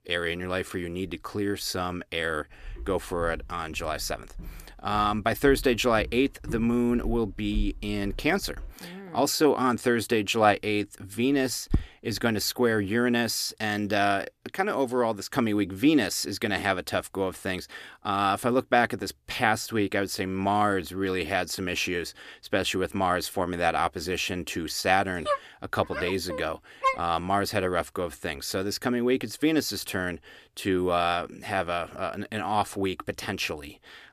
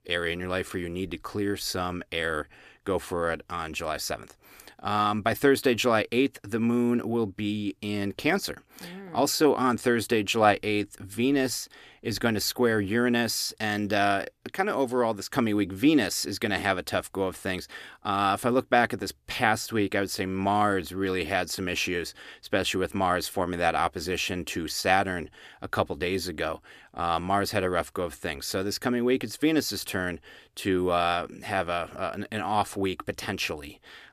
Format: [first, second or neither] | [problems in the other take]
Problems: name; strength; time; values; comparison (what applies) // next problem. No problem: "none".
second | footsteps; noticeable; from 2.5 to 8.5 s and at 12 s; peak 4 dB below the speech // dog barking; noticeable; from 25 to 27 s; peak 1 dB below the speech